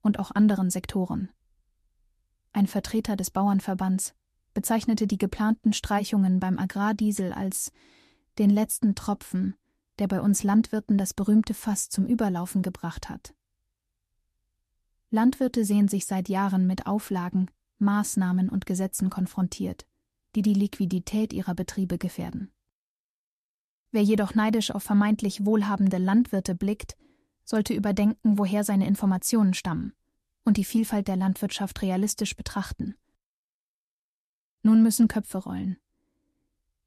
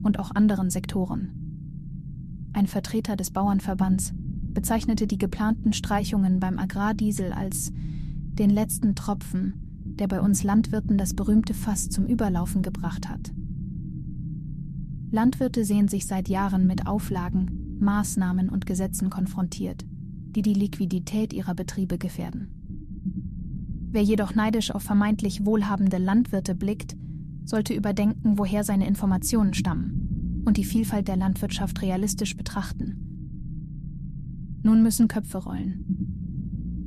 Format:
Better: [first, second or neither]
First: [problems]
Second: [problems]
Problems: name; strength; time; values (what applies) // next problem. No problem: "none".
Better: first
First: none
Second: low rumble; noticeable; throughout; 15 dB below the speech